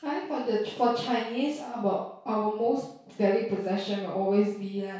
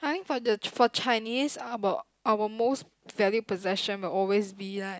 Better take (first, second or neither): second